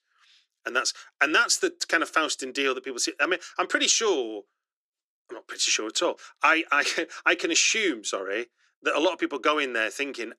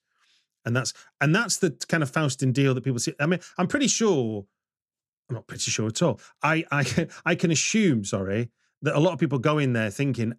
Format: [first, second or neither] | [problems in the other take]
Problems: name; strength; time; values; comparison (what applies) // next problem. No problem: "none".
second | thin; very; fading below 300 Hz